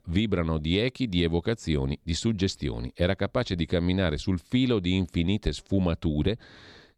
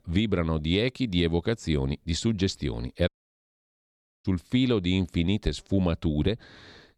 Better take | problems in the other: first | audio cutting out; at 3 s for 1 s

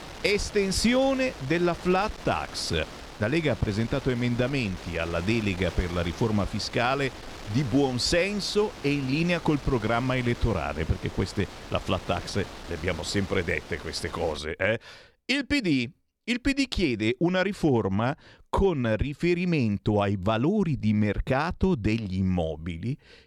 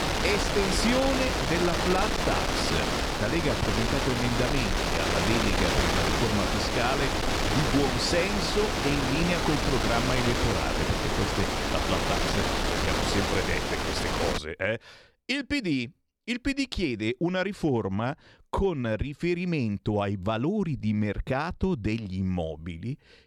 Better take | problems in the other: first | wind noise on the microphone; heavy; until 14 s; 4 dB above the speech; occasional gusts in the first

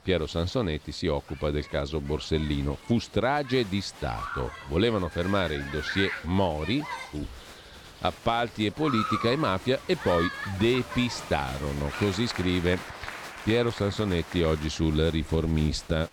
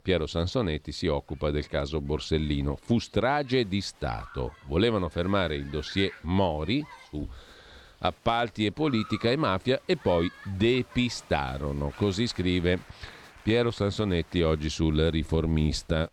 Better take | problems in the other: second | crowd noise; loud; throughout; 10 dB below the speech; faint in the second

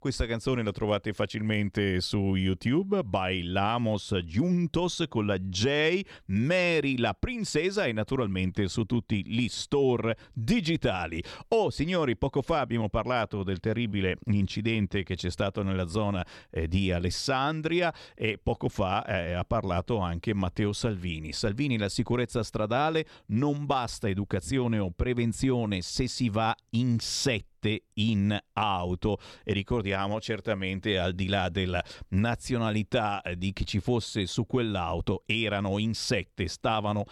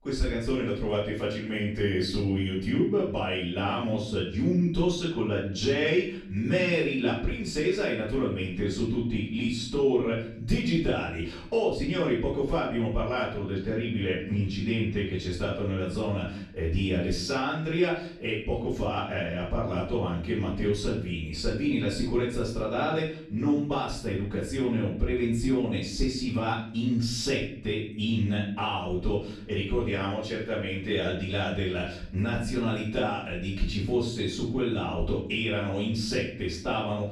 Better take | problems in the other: first | off-mic speech; far // room echo; noticeable; dies away in 0.5 s

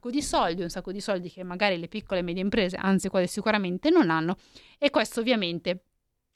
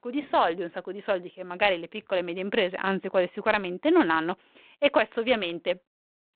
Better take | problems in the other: first | phone-call audio

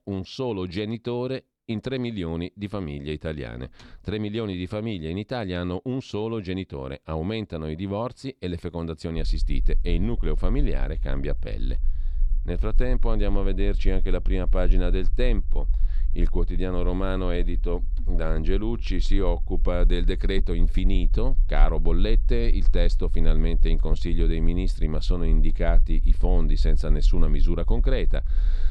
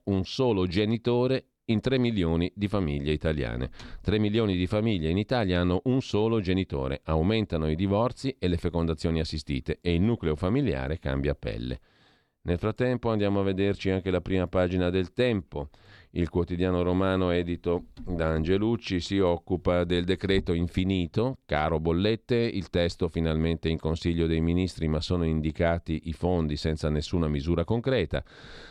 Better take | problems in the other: second | low rumble; faint; from 9 s on; 20 dB below the speech

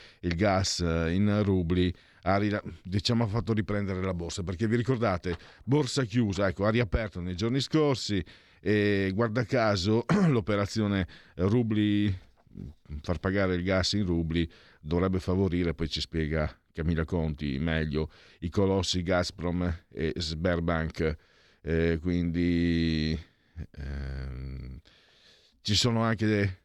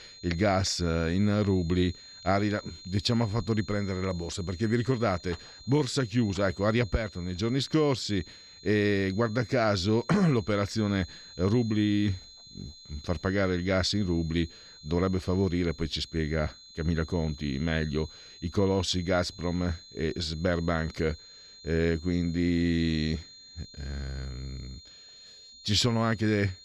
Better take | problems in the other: first | high-pitched whine; noticeable; throughout; 4 kHz, 20 dB below the speech

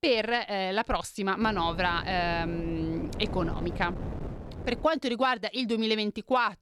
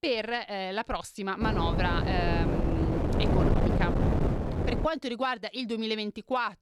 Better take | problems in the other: first | wind noise on the microphone; heavy; from 1.5 to 5 s; 2 dB below the speech; occasional gusts in the first

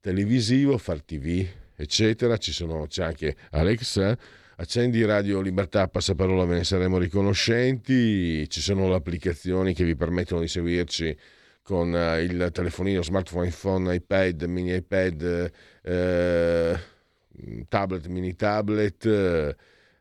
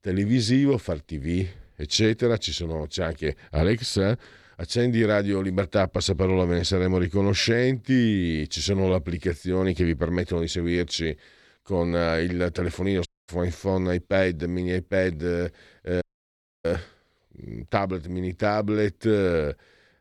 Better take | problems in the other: first | audio cutting out; at 13 s and at 16 s for 0.5 s

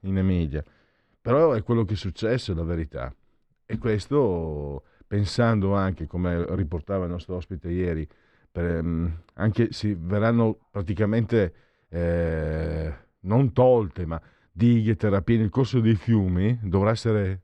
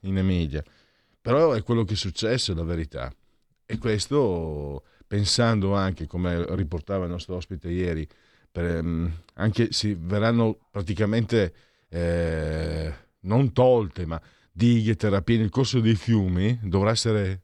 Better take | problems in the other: second | muffled; slightly; fading above 3 kHz

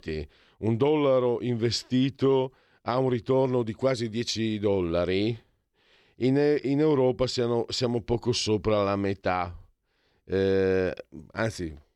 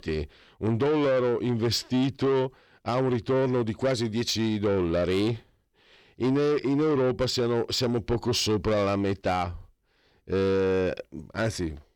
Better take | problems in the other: first | distortion; slight; 10 dB below the speech

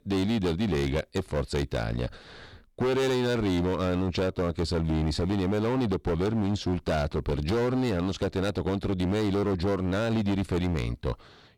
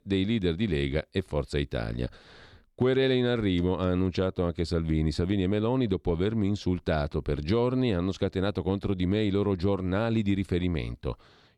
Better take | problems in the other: second | distortion; heavy; 23% of the sound clipped

